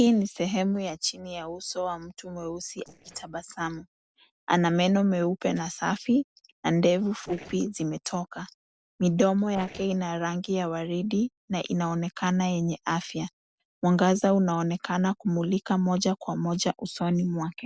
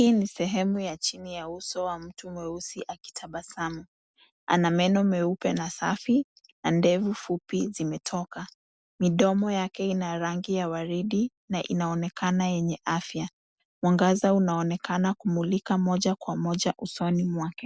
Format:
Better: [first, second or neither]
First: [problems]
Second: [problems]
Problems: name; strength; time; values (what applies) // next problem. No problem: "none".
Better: second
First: noise reduction (neural separator model SepFormer DNS4)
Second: none